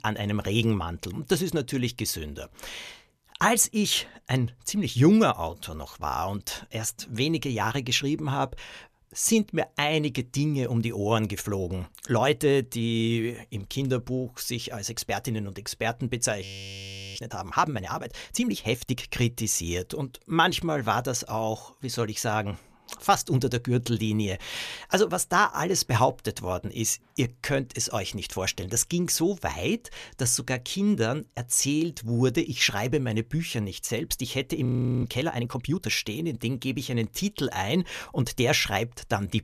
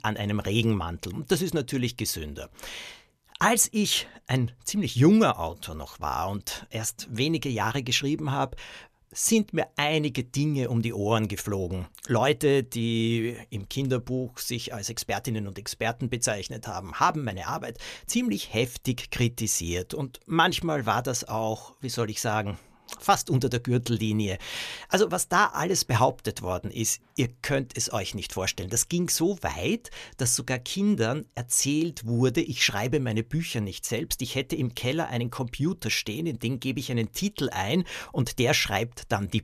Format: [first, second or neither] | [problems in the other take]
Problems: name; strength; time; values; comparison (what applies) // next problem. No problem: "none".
second | audio freezing; at 16 s for 0.5 s and at 35 s